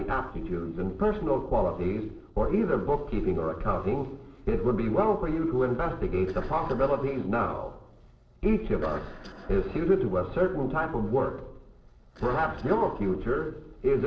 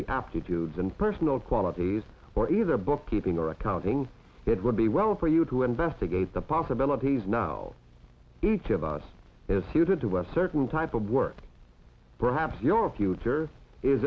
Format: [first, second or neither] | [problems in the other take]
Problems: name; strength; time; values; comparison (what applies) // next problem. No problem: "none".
second | noise reduction (neural separator model SepFormer DNS4)